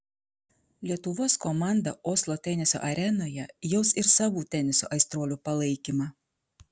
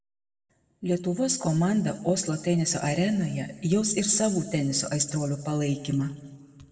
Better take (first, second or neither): first